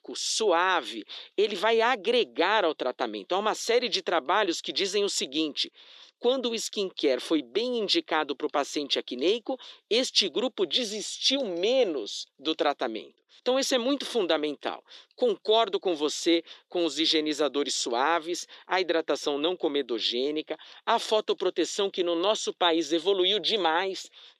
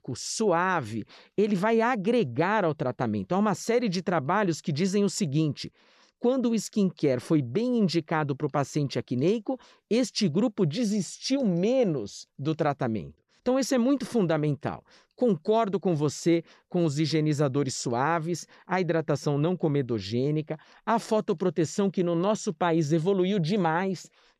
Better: second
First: thin; somewhat; fading below 300 Hz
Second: none

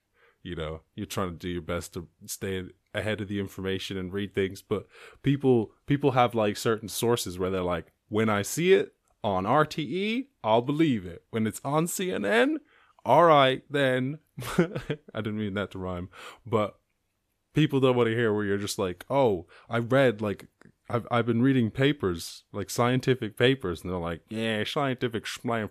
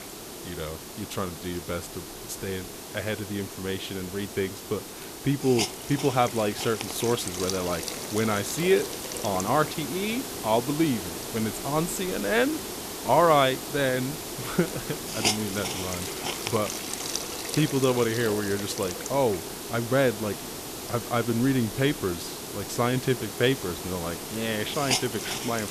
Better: first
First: none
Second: hiss; loud; throughout; 5 dB below the speech

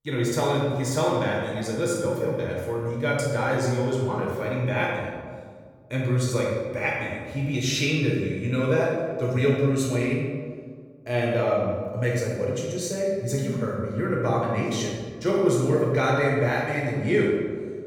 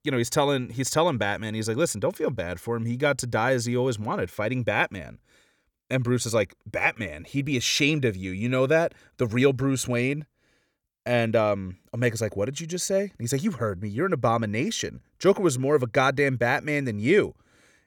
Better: second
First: room echo; noticeable; dies away in 1.5 s // off-mic speech; far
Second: none

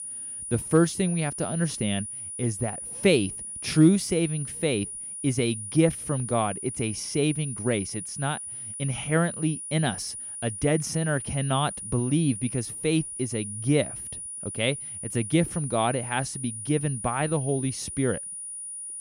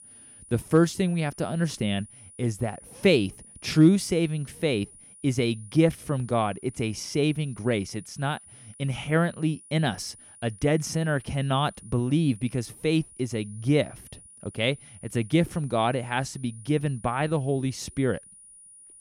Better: second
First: high-pitched whine; loud; throughout; 9.5 kHz, 7 dB below the speech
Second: high-pitched whine; faint; throughout; 9.5 kHz, 20 dB below the speech

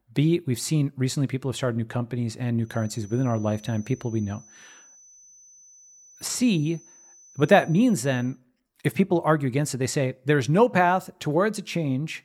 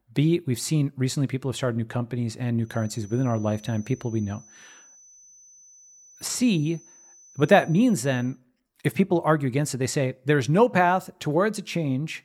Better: neither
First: high-pitched whine; faint; from 2.5 to 8.5 s; 6 kHz, 25 dB below the speech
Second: high-pitched whine; faint; from 2.5 to 8.5 s; 6 kHz, 25 dB below the speech

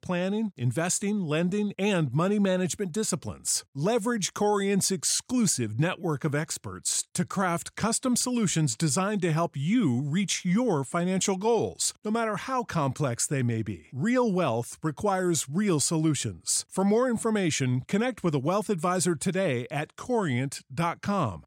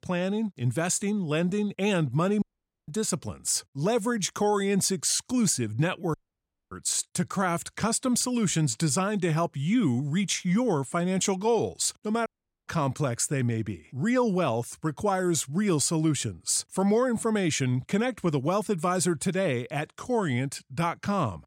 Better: first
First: none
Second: audio cutting out; at 2.5 s, at 6 s for 0.5 s and at 12 s

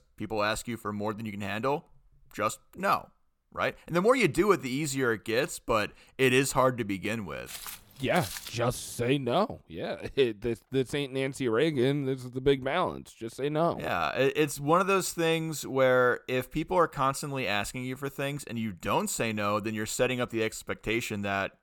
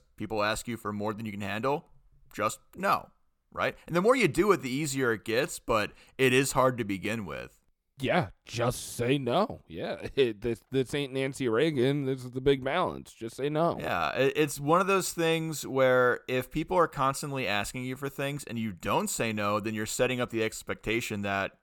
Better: second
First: footsteps; noticeable; from 7.5 to 8.5 s; peak 9 dB below the speech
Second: none

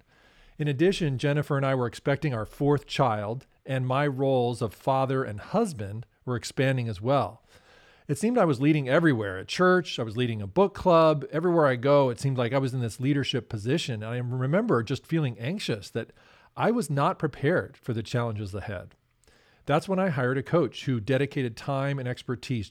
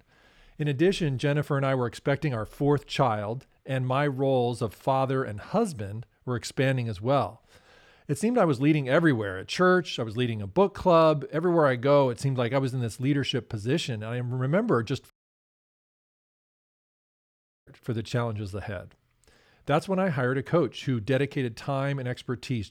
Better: first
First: none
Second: audio cutting out; at 15 s for 2.5 s

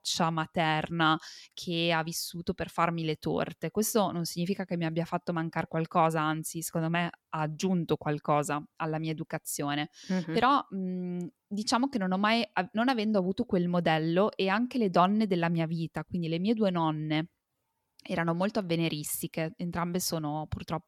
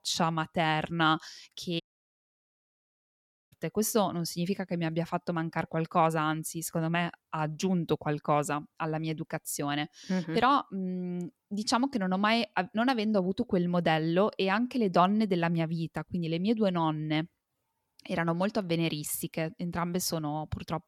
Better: first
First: none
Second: audio cutting out; at 2 s for 1.5 s

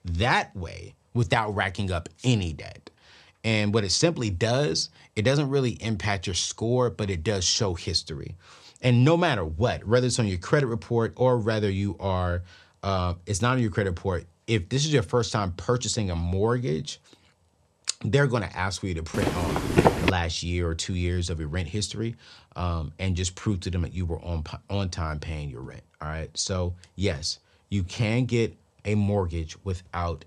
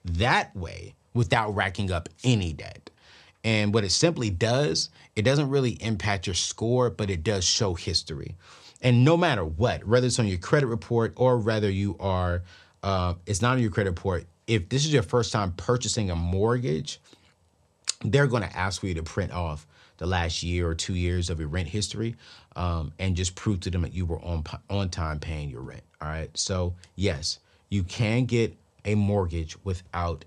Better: second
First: footsteps; loud; at 19 s; peak 6 dB above the speech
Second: none

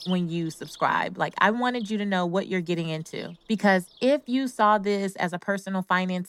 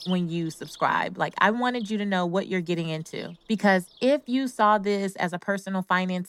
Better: neither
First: animal sounds; faint; throughout; 25 dB below the speech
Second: animal sounds; faint; throughout; 25 dB below the speech

